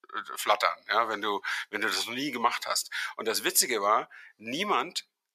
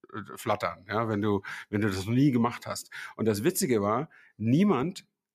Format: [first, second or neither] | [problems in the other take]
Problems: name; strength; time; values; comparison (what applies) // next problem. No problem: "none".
second | thin; very; fading below 800 Hz